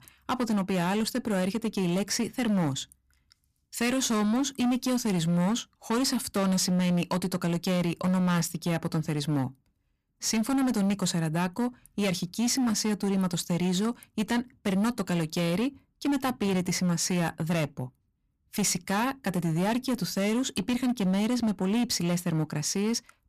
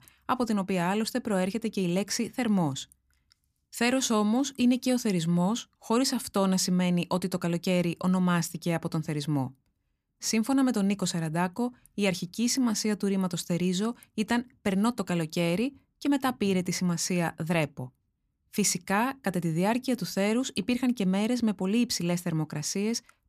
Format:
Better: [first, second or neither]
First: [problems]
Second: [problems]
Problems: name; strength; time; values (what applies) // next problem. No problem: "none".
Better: second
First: distortion; slight; 18% of the sound clipped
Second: none